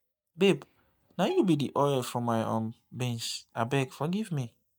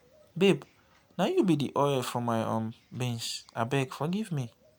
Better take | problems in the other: second | noise reduction (neural mask model DeepFilterNet 3)

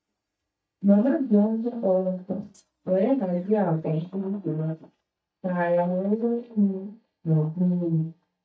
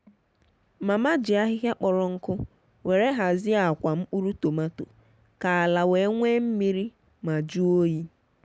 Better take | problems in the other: second | noise reduction (neural mask model DeepFilterNet 3)

